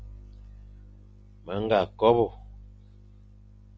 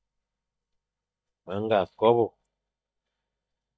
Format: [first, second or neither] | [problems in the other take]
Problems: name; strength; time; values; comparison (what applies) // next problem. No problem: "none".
first | noise reduction (neural mask model DeepFilterNet 3)